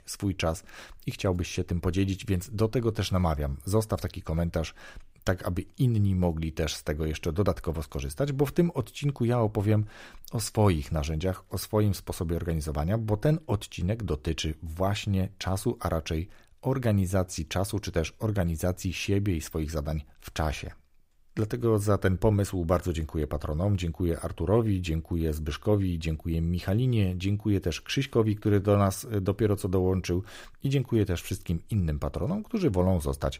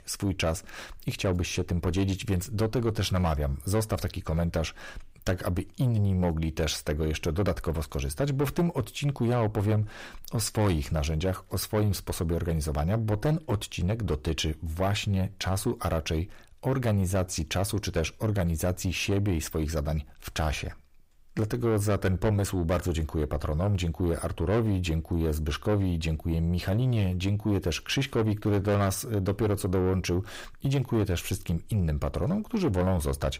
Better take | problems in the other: first | distortion; slight; 10 dB below the speech

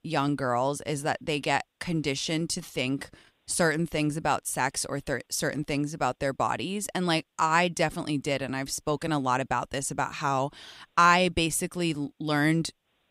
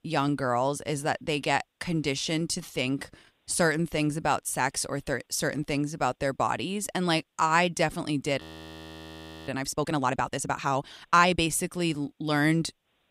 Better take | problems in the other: first | audio freezing; at 8.5 s for 1 s

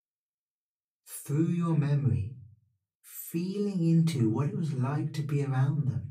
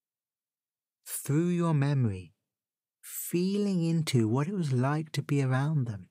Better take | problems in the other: second | off-mic speech; far // room echo; very slight; dies away in 0.4 s

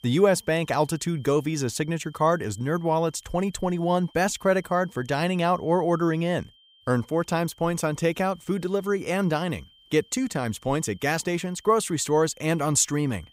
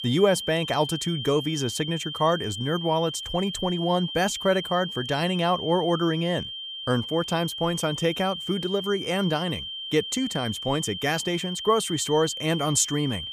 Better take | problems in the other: first | high-pitched whine; loud; throughout; 3 kHz, 7 dB below the speech; faint in the first

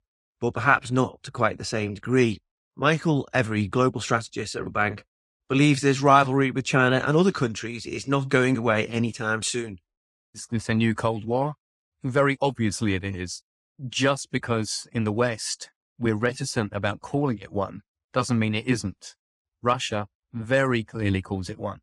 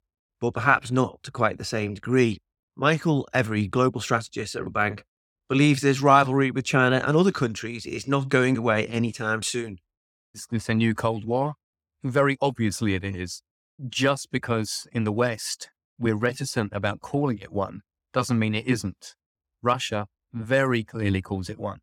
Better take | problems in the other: second | garbled, watery; slightly; nothing above 10 kHz

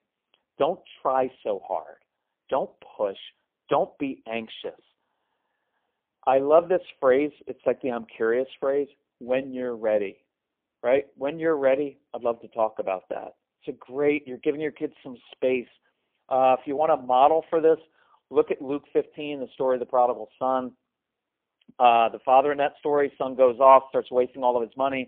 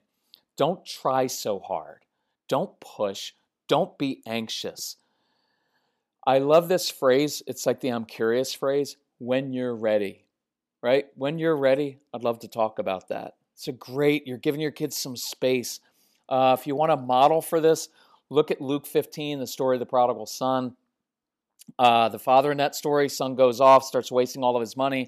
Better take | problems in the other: second | phone-call audio; poor line; nothing above 3.5 kHz

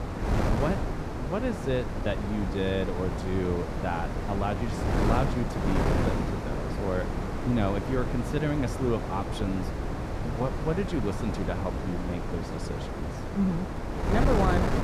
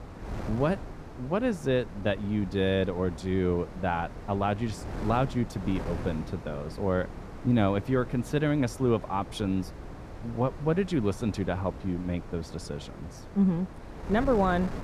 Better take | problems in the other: second | wind noise on the microphone; heavy; 1 dB below the speech; occasional gusts in the second

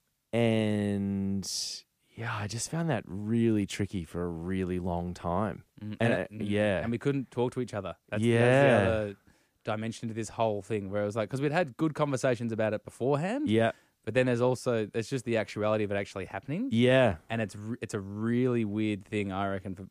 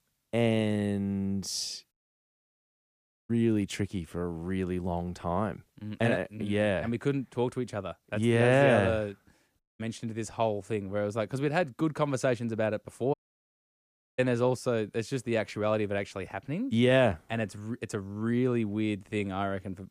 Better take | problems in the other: first | audio cutting out; at 2 s for 1.5 s, at 9.5 s and at 13 s for 1 s

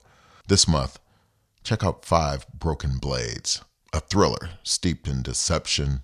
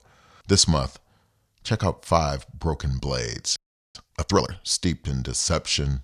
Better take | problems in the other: first | audio freezing; at 3.5 s

